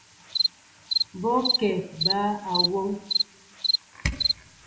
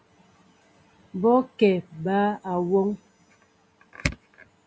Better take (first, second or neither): second